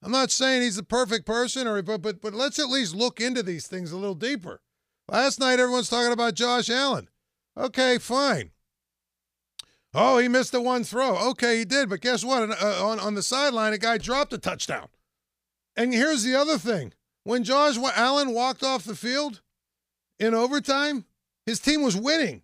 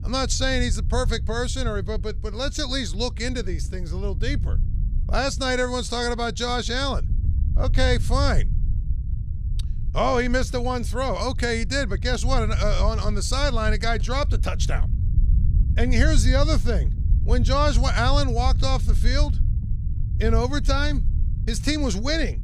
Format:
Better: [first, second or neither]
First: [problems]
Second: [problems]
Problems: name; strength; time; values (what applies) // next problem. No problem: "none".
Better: first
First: none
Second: low rumble; noticeable; throughout; 15 dB below the speech